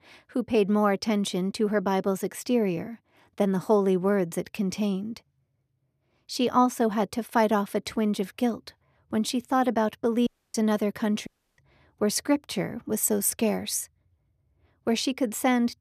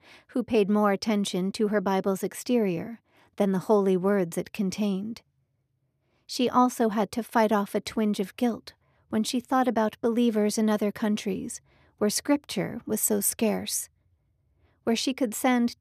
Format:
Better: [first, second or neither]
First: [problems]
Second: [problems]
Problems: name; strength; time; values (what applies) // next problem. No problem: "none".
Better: second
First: audio cutting out; at 10 s and at 11 s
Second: none